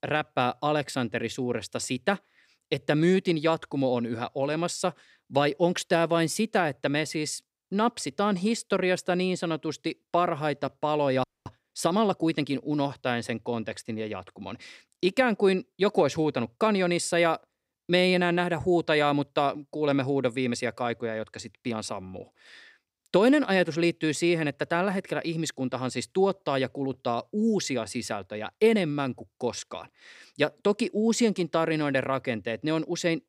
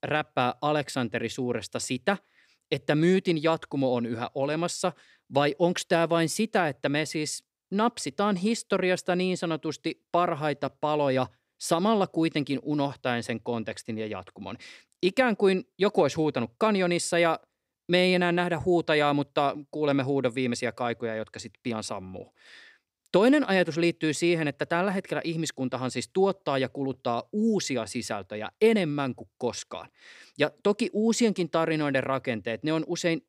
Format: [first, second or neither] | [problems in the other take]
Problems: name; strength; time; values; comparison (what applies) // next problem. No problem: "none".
second | audio freezing; at 11 s